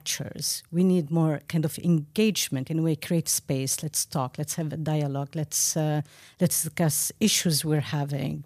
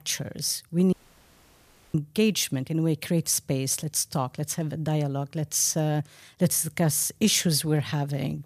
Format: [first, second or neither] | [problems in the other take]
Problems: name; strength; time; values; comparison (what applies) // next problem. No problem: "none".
first | audio cutting out; at 1 s for 1 s